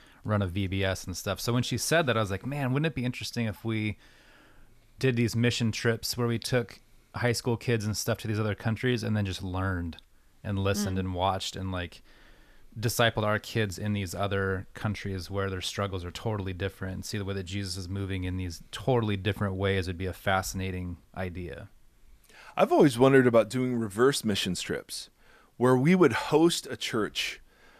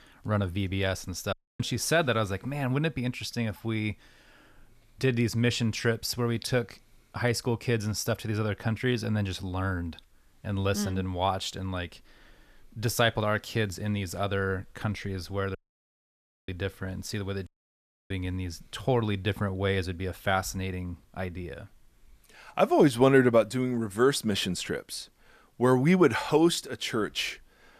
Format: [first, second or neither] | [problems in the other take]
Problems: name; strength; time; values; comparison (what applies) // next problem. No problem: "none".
first | audio cutting out; at 1.5 s, at 16 s for 1 s and at 17 s for 0.5 s